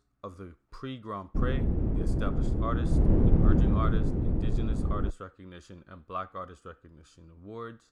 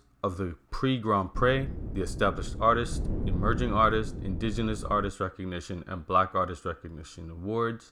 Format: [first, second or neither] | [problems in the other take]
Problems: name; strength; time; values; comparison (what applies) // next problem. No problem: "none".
second | wind noise on the microphone; heavy; from 1.5 to 5 s; 2 dB above the speech; occasional gusts in the second